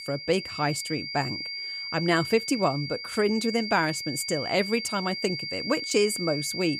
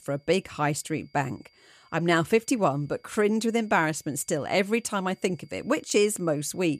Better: second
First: high-pitched whine; loud; throughout; 4.5 kHz, 5 dB below the speech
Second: high-pitched whine; faint; throughout; 4.5 kHz, 35 dB below the speech

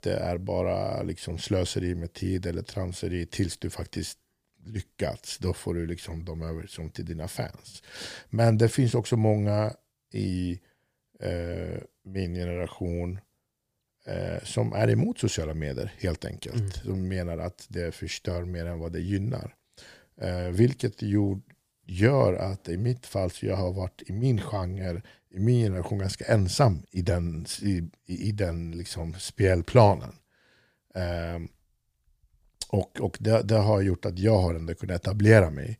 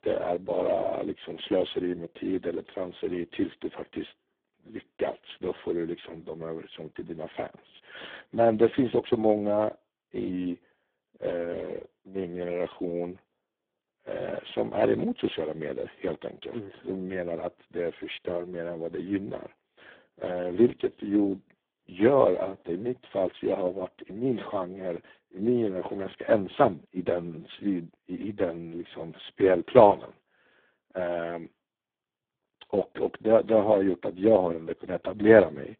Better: first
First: none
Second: phone-call audio; poor line

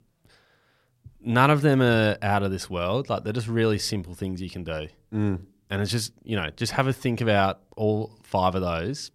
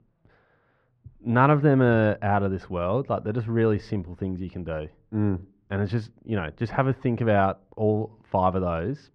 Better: first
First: none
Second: muffled; very; fading above 1.5 kHz

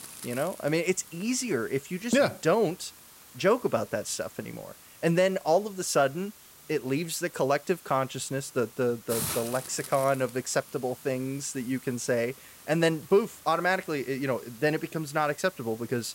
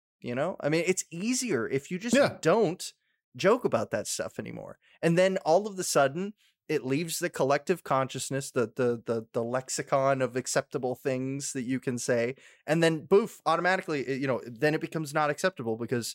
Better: second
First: hiss; noticeable; throughout; 15 dB below the speech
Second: none

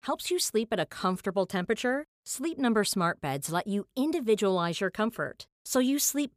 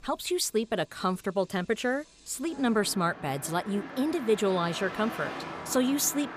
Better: first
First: none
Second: traffic noise; noticeable; throughout; 10 dB below the speech

